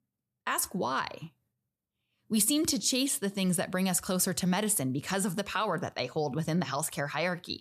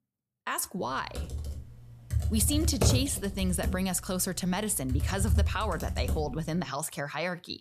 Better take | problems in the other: first | keyboard typing; loud; from 1 to 6.5 s; peak 4 dB above the speech

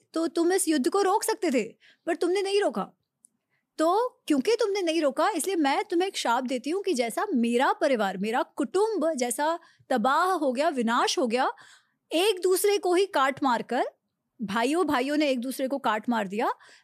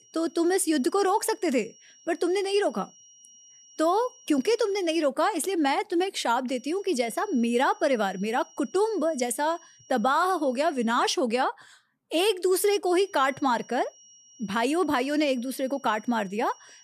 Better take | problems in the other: first | high-pitched whine; faint; until 5 s, from 6.5 to 11 s and from 13 s on; 5.5 kHz, 25 dB below the speech

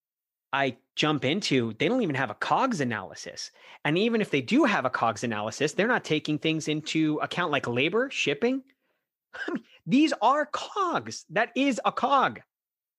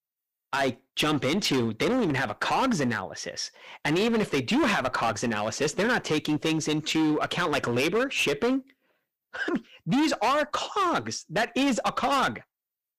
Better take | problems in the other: first | distortion; heavy; 15% of the sound clipped

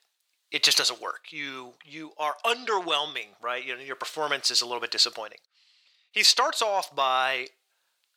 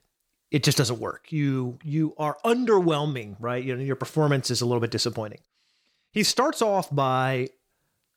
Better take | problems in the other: second | thin; very; fading below 800 Hz

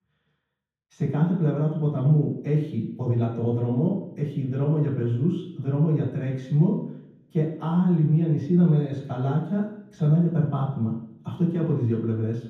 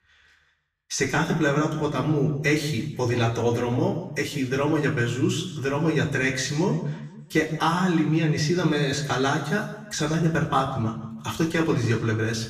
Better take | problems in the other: second | room echo; strong; dies away in 0.9 s; slight in the second // off-mic speech; far; far in the second

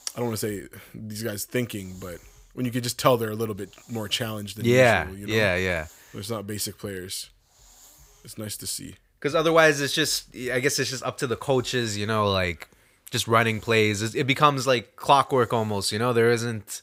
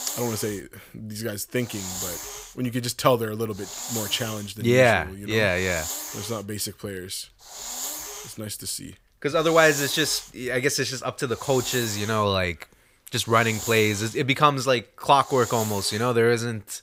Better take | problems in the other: first | hiss; loud; throughout; 10 dB below the speech; faint in the first

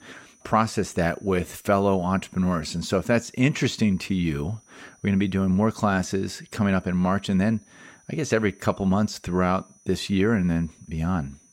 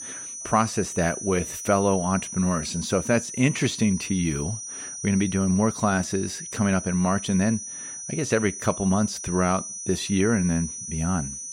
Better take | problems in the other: first | high-pitched whine; loud; throughout; 6 kHz, 8 dB below the speech; faint in the first

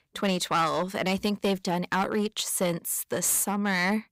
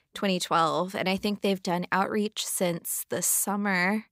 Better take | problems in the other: second | distortion; slight; 5% of the sound clipped

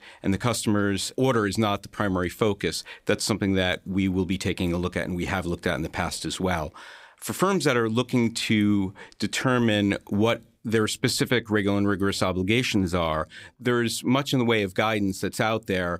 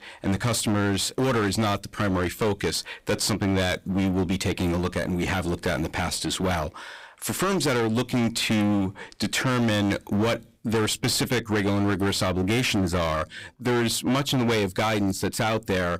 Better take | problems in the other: first | distortion; heavy; 20% of the sound clipped

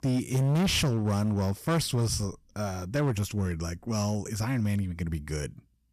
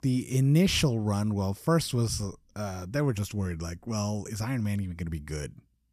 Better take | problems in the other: second | distortion; slight; 11% of the sound clipped

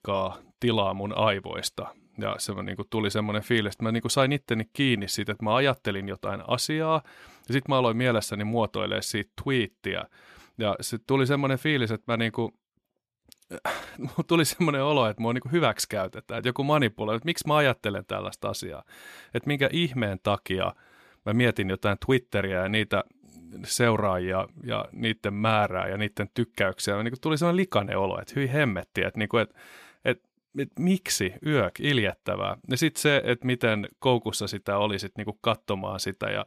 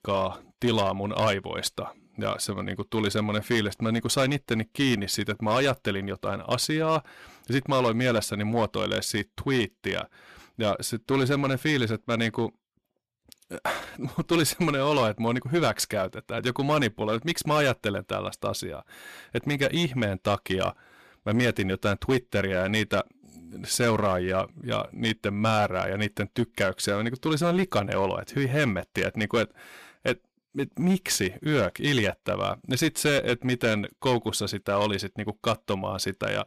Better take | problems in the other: first | distortion; slight; 6% of the sound clipped

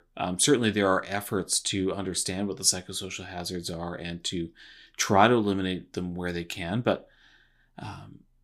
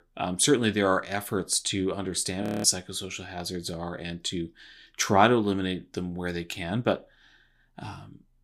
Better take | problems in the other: first | audio freezing; at 2.5 s

